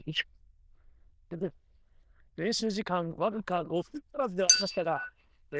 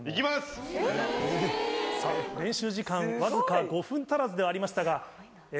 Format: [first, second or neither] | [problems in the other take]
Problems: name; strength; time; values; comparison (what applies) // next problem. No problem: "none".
second | noise reduction (neural diffusion model UNIVERSE++)